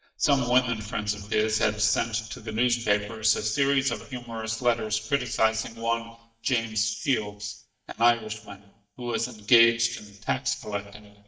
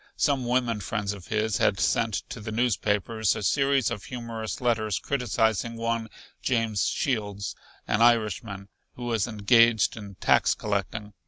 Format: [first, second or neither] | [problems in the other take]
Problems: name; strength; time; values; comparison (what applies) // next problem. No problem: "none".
second | noise reduction (neural mask model DeepFilterNet 3)